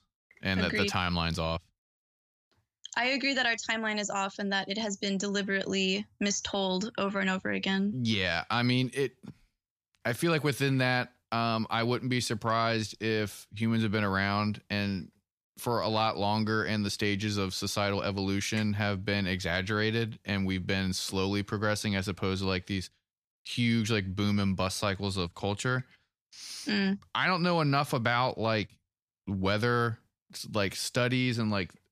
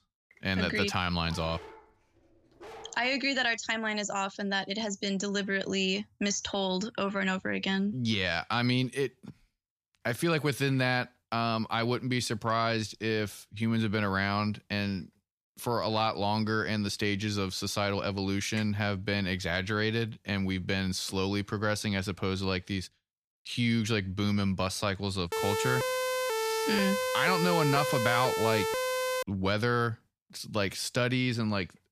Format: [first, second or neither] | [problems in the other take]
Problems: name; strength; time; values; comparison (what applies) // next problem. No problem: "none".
first | dog barking; faint; from 1.5 to 3 s; peak 15 dB below the speech // siren; loud; from 25 to 29 s; peak level with the speech